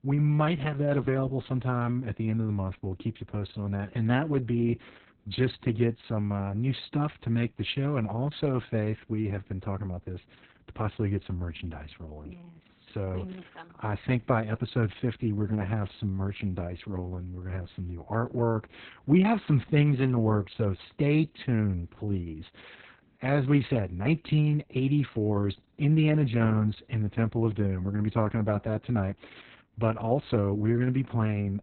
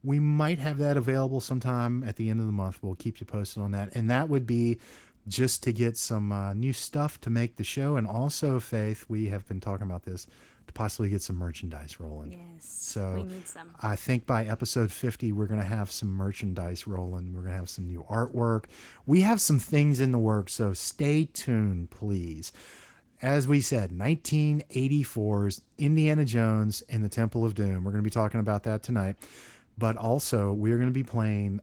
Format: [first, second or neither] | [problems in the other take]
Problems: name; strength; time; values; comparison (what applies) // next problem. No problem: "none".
second | garbled, watery; badly; nothing above 4 kHz; slightly in the second